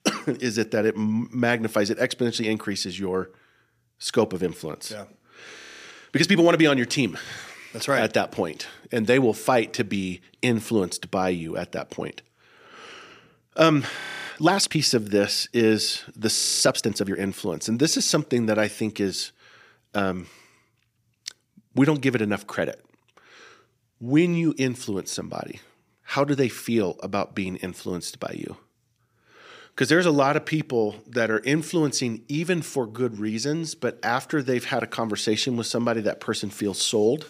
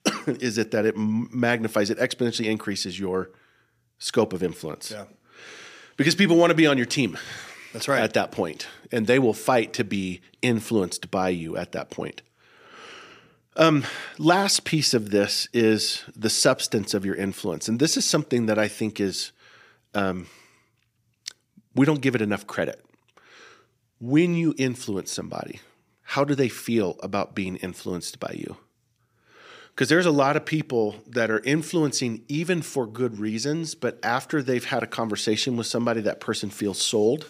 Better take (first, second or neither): second